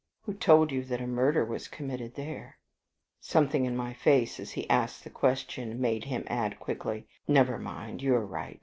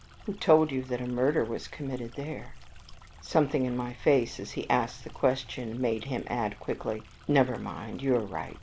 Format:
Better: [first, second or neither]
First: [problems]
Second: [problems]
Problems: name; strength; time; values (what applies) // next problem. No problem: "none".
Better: first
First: none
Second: background sound (Stream); 18 dB below the speech